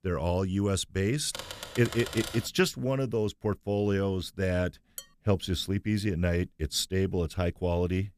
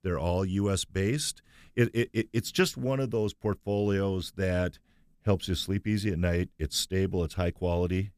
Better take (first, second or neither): second